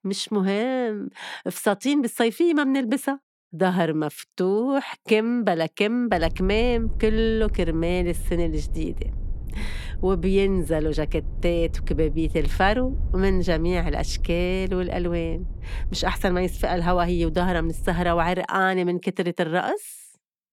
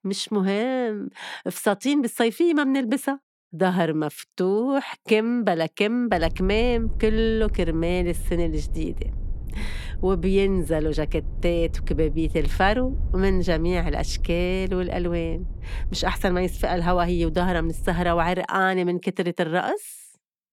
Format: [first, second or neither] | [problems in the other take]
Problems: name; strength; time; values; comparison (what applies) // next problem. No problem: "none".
neither | low rumble; faint; from 6 to 18 s; 25 dB below the speech; the same in both